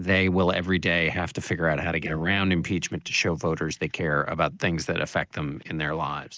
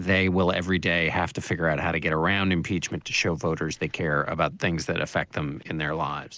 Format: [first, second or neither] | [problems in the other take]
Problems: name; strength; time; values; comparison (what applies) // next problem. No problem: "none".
second | noise reduction (neural mask model DeepFilterNet 3)